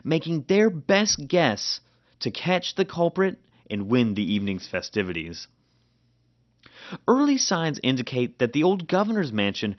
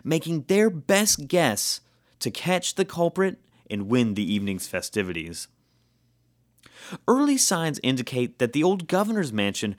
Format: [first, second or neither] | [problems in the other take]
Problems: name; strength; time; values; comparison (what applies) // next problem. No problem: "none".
second | garbled, watery; slightly; nothing above 6 kHz